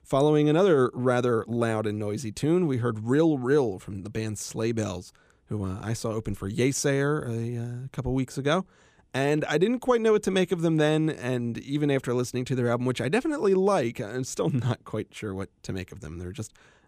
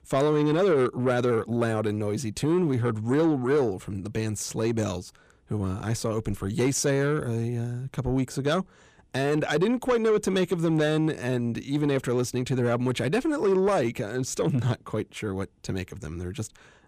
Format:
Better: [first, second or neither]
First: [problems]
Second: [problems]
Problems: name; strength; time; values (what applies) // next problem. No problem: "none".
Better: first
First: none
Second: distortion; slight; 10 dB below the speech